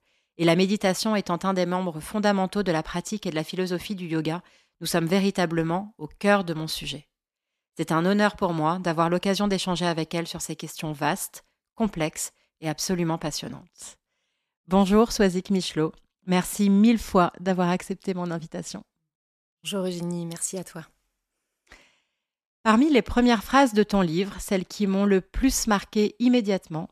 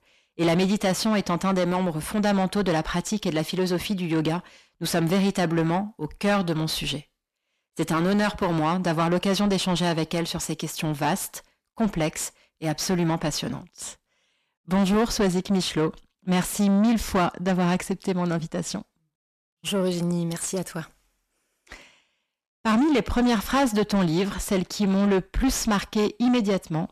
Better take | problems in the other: first | distortion; heavy; 8 dB below the speech

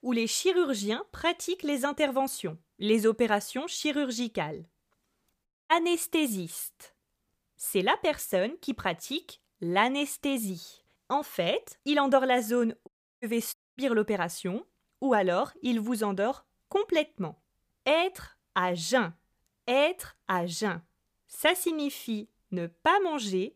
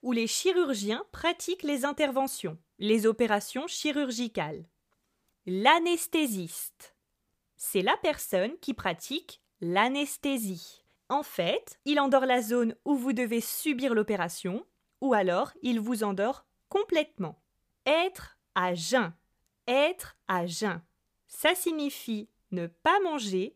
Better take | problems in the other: second | audio cutting out; at 5.5 s, at 13 s and at 14 s

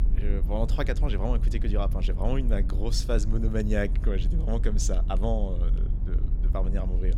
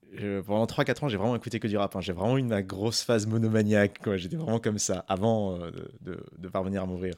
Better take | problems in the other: second | low rumble; noticeable; throughout; 15 dB below the speech

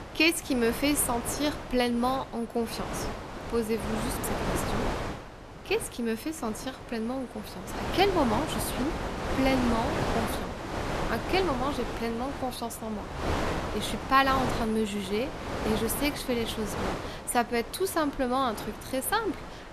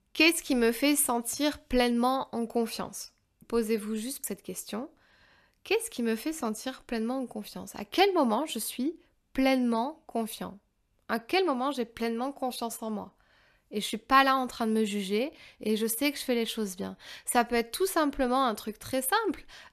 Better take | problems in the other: second | wind noise on the microphone; heavy; 5 dB below the speech

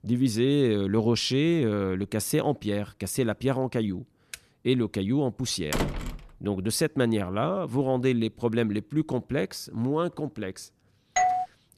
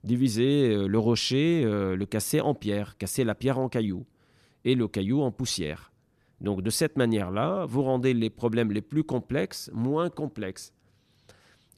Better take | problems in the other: second | keyboard typing; very faint; at 4.5 s; peak 15 dB below the speech // door banging; noticeable; at 5.5 s; peak 3 dB below the speech // doorbell; loud; at 11 s; peak 2 dB above the speech

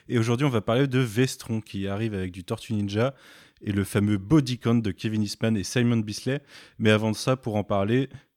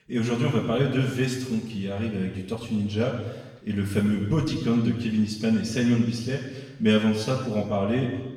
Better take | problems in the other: first | room echo; noticeable; dies away in 1.1 s // off-mic speech; far

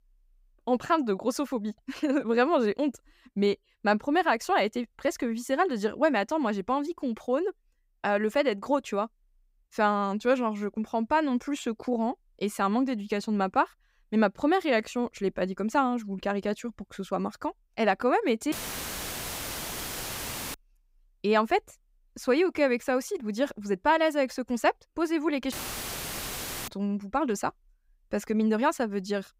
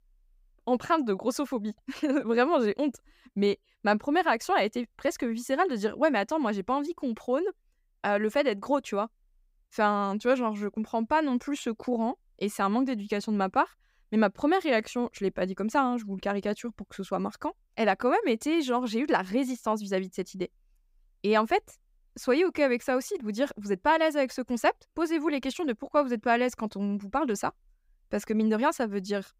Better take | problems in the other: second | audio cutting out; filled with static; at 19 s for 2 s and at 26 s for 1 s

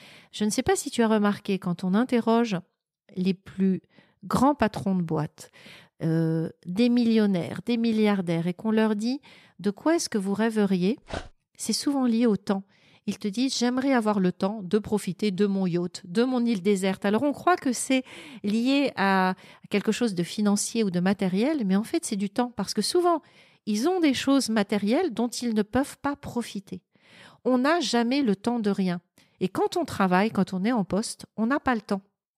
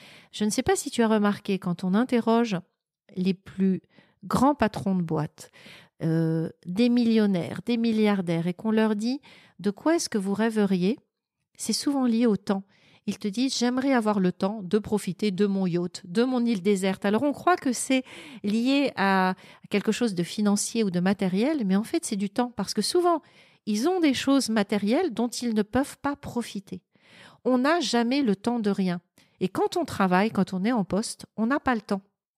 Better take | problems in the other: second | dog barking; faint; at 11 s; peak 10 dB below the speech

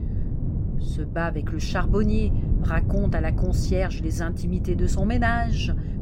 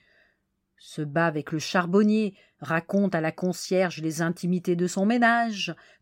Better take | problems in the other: second | wind noise on the microphone; heavy; 9 dB below the speech

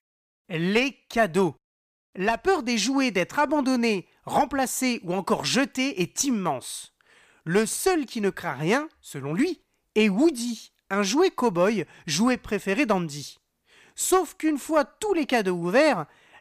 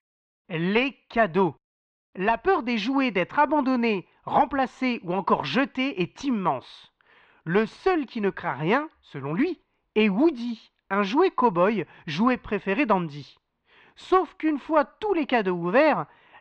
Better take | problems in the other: first | muffled; very; fading above 3.5 kHz

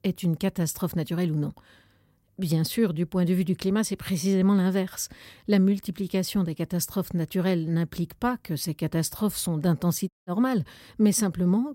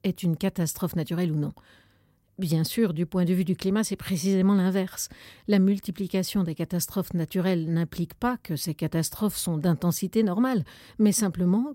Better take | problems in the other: second | audio cutting out; at 10 s

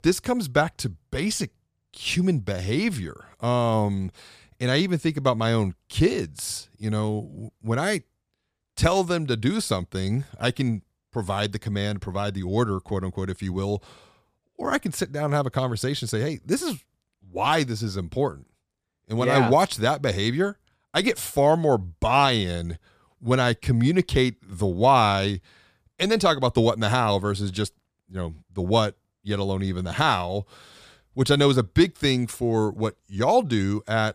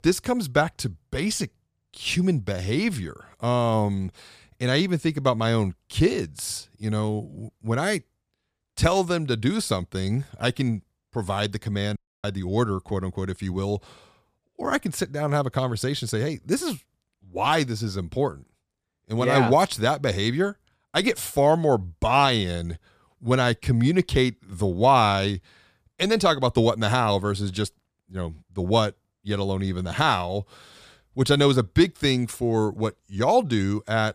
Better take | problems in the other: first | audio cutting out; at 12 s

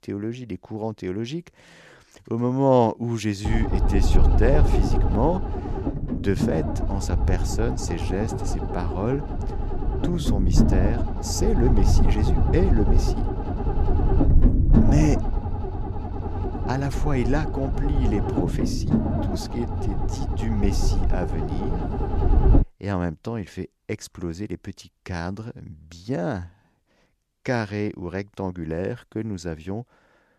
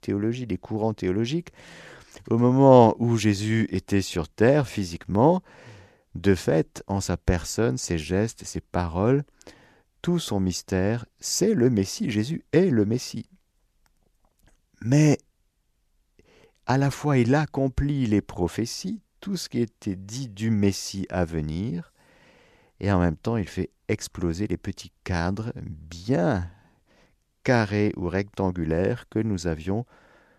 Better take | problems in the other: second | low rumble; loud; from 3.5 to 23 s; 2 dB below the speech

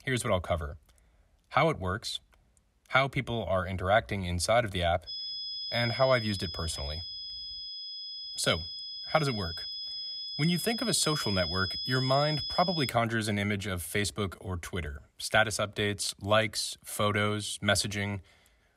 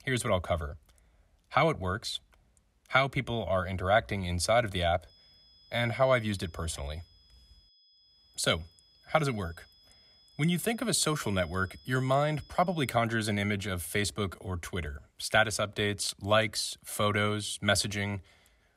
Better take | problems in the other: second | high-pitched whine; loud; from 5 to 13 s; 5 kHz, 5 dB below the speech; faint in the second

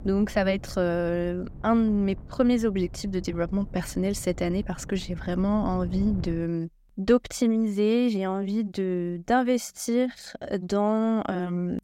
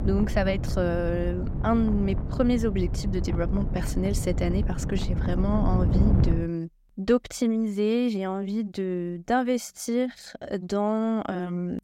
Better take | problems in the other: first | wind noise on the microphone; heavy; until 6.5 s; 9 dB below the speech; occasional gusts in the first

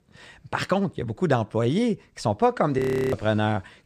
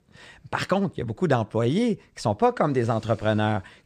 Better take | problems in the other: second | audio freezing; at 3 s

